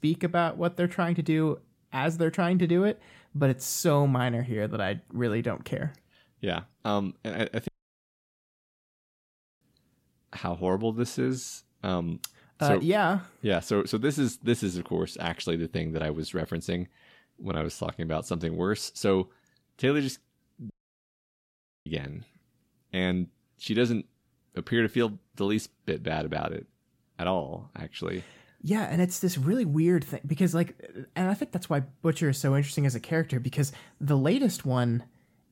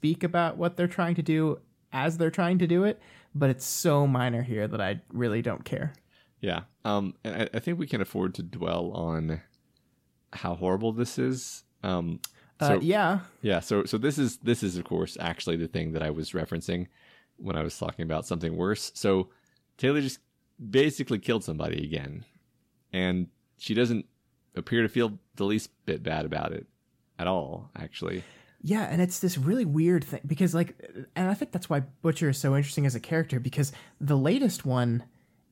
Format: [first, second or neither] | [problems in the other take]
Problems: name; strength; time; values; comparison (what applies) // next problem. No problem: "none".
second | audio cutting out; at 7.5 s for 2 s and at 21 s for 1 s